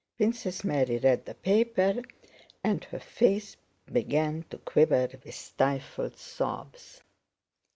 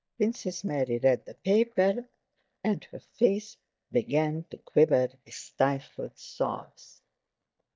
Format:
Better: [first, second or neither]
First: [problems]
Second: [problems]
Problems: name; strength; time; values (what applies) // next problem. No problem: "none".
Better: first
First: none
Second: noise reduction (neural mask model DeepFilterNet 3)